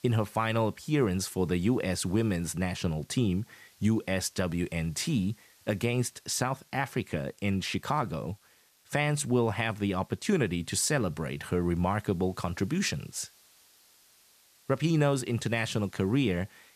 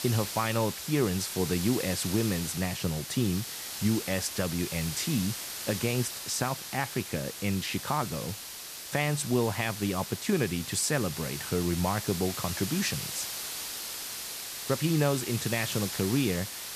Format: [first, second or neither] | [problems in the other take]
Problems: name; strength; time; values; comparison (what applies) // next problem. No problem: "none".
first | hiss; loud; throughout; 5 dB below the speech; faint in the first